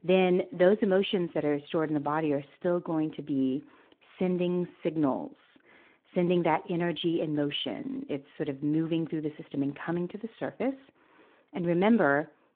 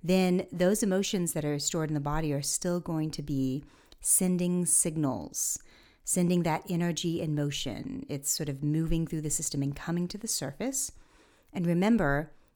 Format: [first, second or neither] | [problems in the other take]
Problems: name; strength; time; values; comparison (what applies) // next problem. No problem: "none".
second | phone-call audio